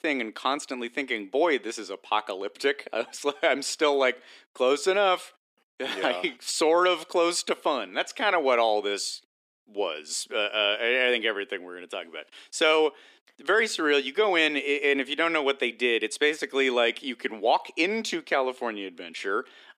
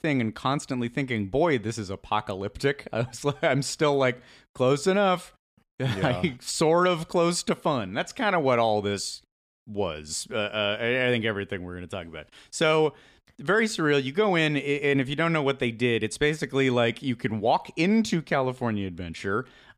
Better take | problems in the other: second | thin; somewhat; fading below 300 Hz

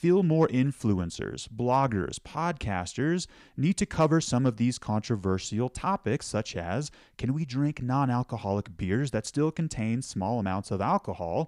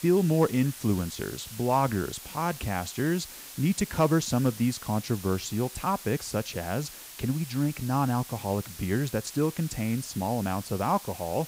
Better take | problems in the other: first | hiss; noticeable; throughout; 15 dB below the speech

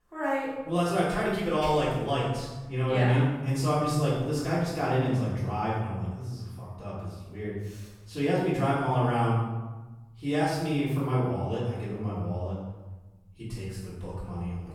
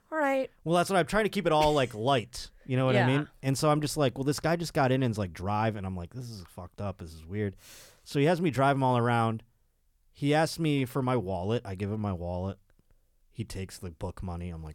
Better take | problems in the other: second | off-mic speech; far // room echo; strong; dies away in 1 s

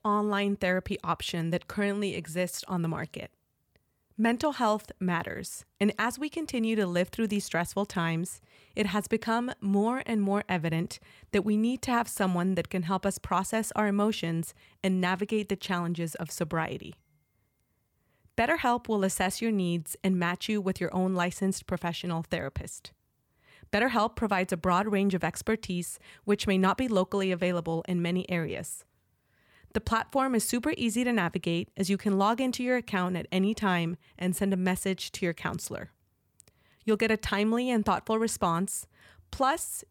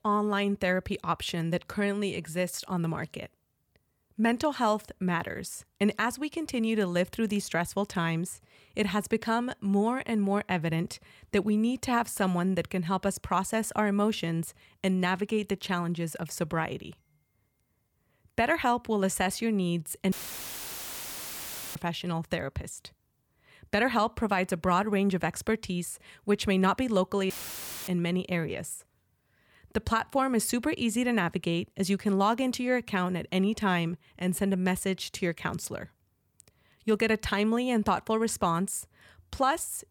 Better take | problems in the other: first | audio cutting out; filled with static; at 20 s for 1.5 s and at 27 s for 0.5 s

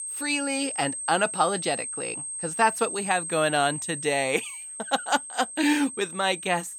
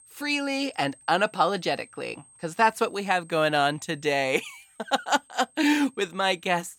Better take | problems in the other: second | high-pitched whine; loud; throughout; 8.5 kHz, 6 dB below the speech; faint in the second

